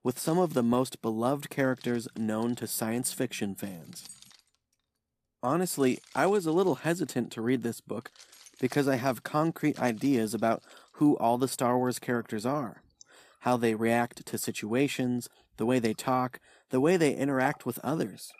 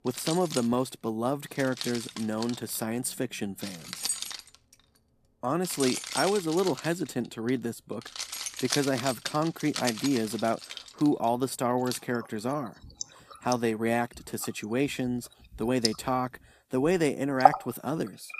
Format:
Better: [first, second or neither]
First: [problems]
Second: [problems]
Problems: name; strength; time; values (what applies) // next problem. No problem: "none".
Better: first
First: household noises; faint; throughout; 20 dB below the speech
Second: household noises; loud; throughout; 3 dB below the speech